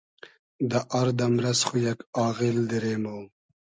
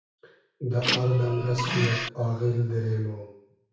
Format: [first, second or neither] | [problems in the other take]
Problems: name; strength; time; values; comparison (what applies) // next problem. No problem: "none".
first | background sound (Printer); 2 dB below the speech // room echo; dies away in 0.6 s